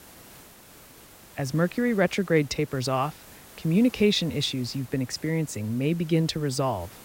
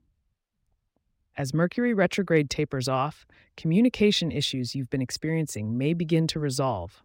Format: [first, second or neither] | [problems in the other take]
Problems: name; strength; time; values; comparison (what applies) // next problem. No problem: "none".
second | hiss; faint; throughout; 20 dB below the speech